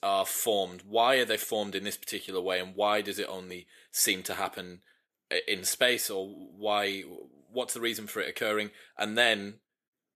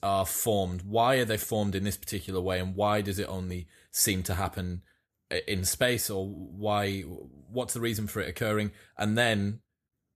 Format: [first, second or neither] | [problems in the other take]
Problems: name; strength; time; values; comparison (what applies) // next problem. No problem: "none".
second | thin; somewhat; fading below 350 Hz